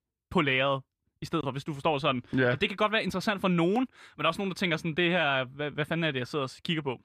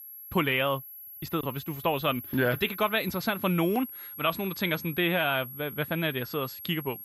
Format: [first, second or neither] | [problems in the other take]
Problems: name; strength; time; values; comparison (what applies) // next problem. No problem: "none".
first | high-pitched whine; noticeable; throughout; 11.5 kHz, 10 dB below the speech